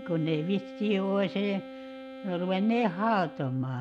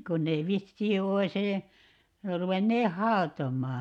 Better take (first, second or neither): second